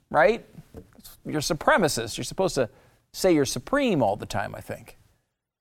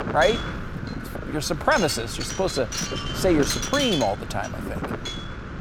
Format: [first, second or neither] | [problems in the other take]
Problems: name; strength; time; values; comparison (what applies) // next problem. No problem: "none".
first | wind noise on the microphone; heavy; 6 dB below the speech